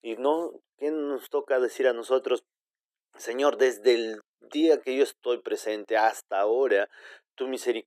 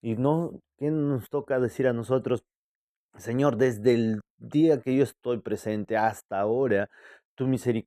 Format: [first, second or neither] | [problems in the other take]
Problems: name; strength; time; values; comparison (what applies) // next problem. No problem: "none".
second | thin; somewhat; fading below 350 Hz